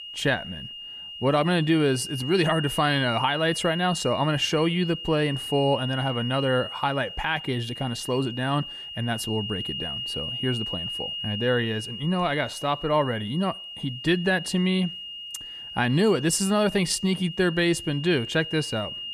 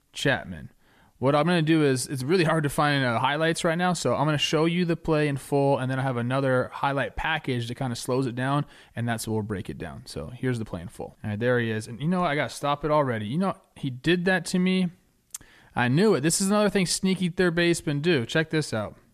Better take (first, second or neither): second